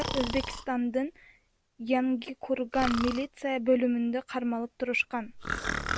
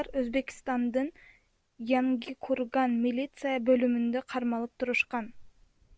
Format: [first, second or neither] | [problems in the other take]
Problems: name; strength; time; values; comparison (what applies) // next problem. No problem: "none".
second | background sound (Breathing); 9 dB below the speech